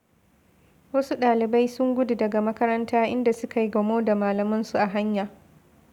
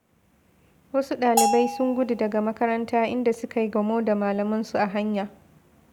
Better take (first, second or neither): first